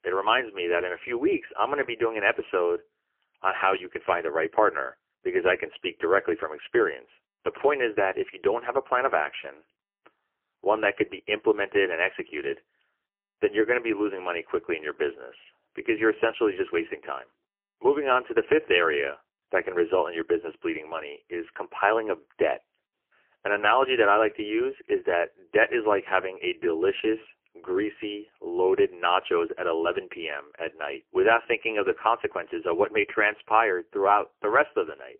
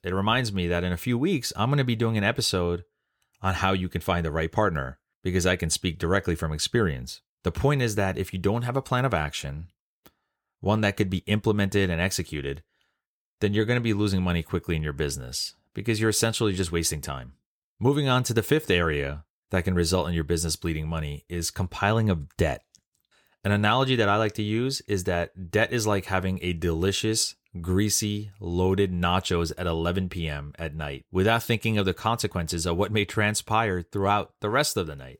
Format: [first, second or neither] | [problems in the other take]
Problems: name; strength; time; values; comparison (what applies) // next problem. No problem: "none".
second | phone-call audio; poor line; nothing above 3 kHz